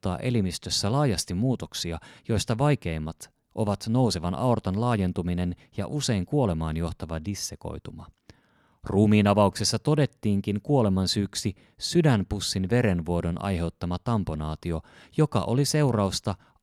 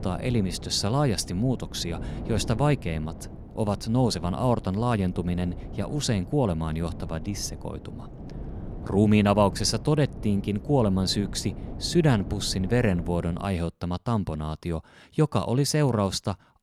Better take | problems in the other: first | wind noise on the microphone; occasional gusts; until 13 s; 15 dB below the speech

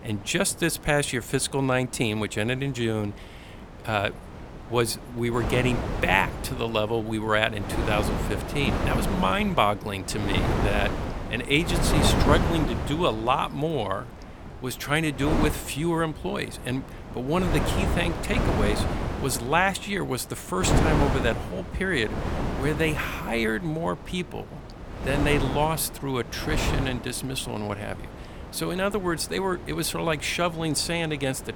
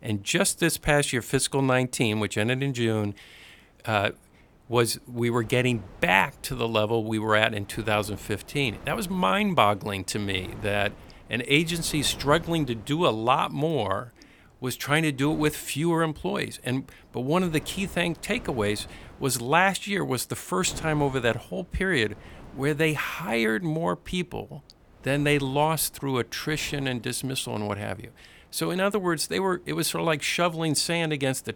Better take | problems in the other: second | wind noise on the microphone; heavy; 6 dB below the speech; occasional gusts in the second

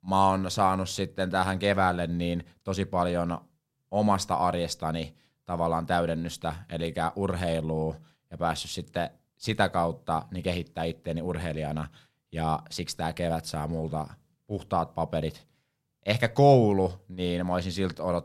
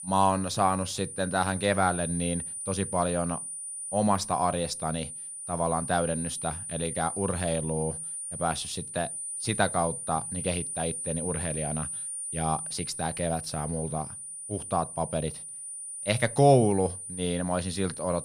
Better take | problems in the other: first | high-pitched whine; loud; throughout; 9.5 kHz, 5 dB below the speech

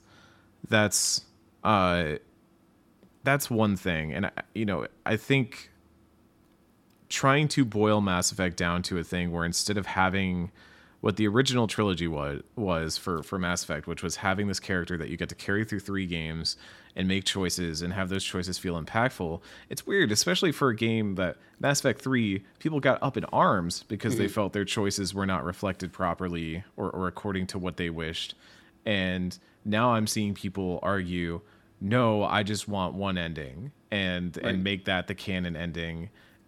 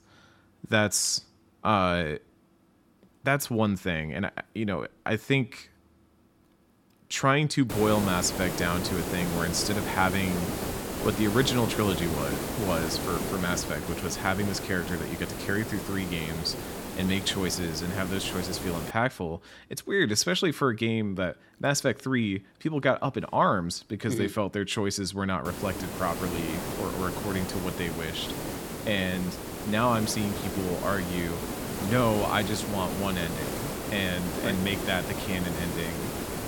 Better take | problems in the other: first | hiss; loud; from 7.5 to 19 s and from 25 s on; 5 dB below the speech

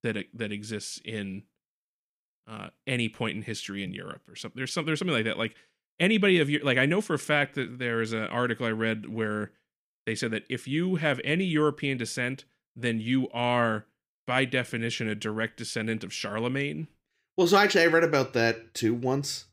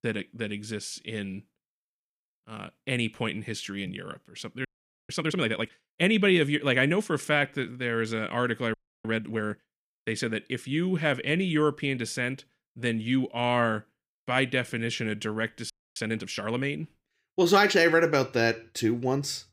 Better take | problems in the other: first | audio freezing; at 4.5 s, at 8.5 s and at 16 s

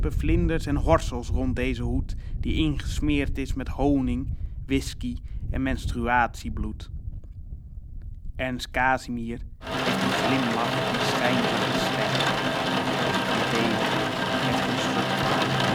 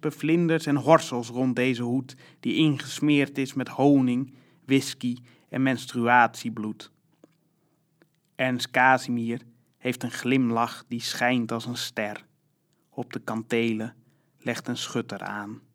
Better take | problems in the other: second | rain or running water; very loud; throughout; 2 dB above the speech

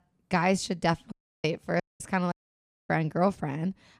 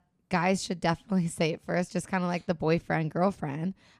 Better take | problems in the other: second | audio cutting out; at 1 s, at 2 s and at 2.5 s for 0.5 s

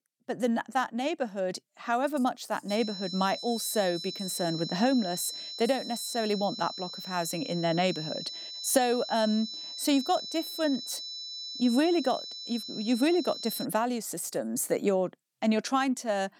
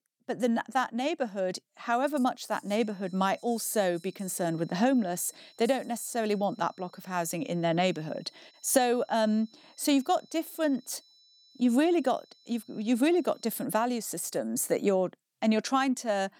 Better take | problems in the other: second | high-pitched whine; loud; from 2.5 to 14 s; 4 kHz, 8 dB below the speech; faint in the second

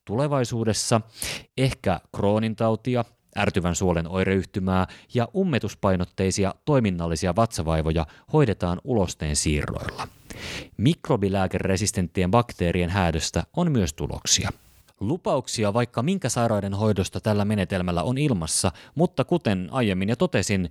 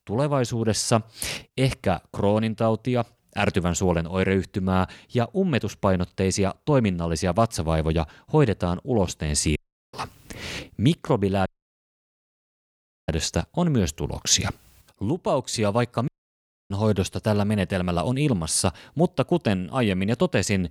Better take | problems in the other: first | audio cutting out; at 9.5 s, at 11 s for 1.5 s and at 16 s for 0.5 s

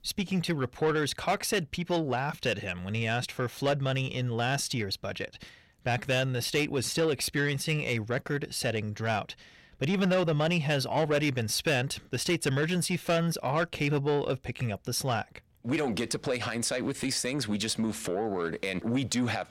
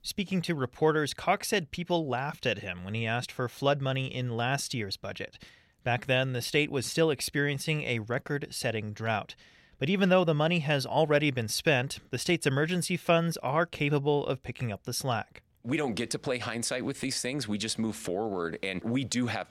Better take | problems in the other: second | distortion; slight; 10 dB below the speech

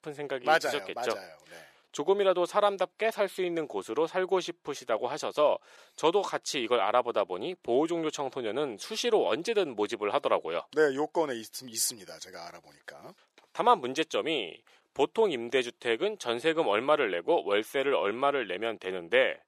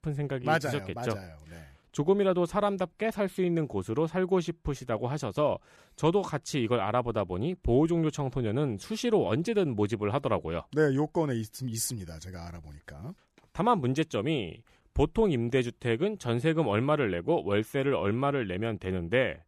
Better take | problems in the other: second | thin; somewhat; fading below 500 Hz

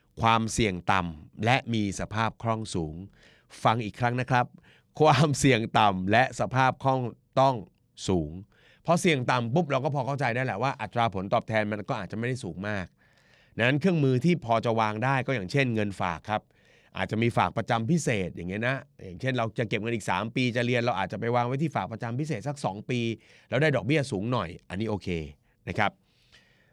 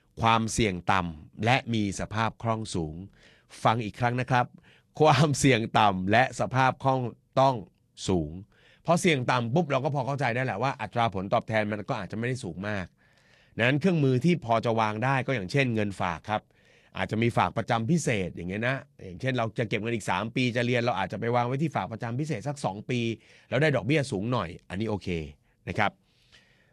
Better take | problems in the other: first | garbled, watery; slightly

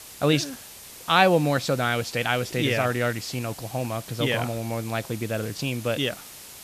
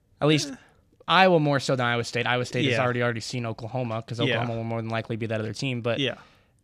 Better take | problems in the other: second | hiss; noticeable; throughout; 15 dB below the speech

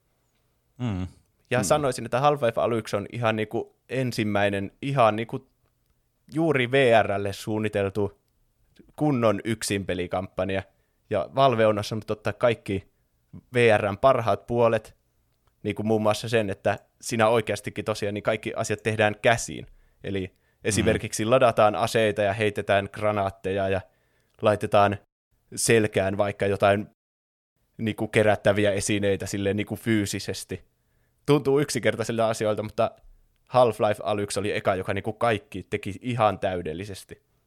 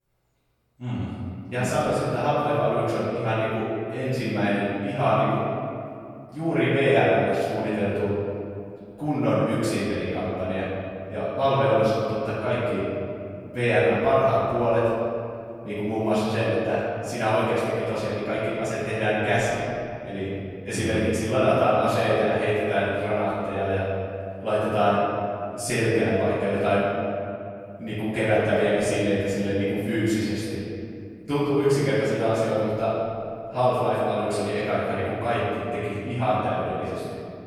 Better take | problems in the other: first | off-mic speech; far // room echo; strong; dies away in 2.4 s

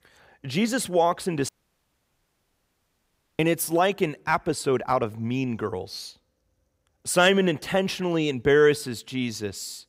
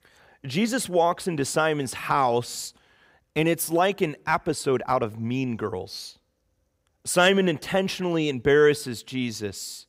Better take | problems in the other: second | audio cutting out; at 1.5 s for 2 s

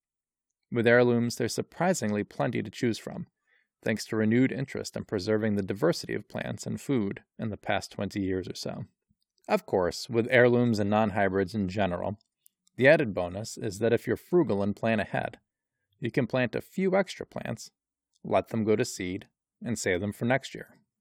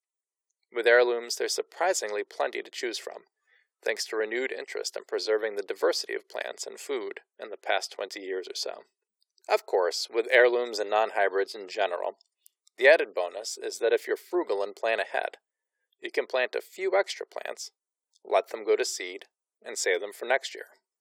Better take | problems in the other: first | thin; very; fading below 400 Hz

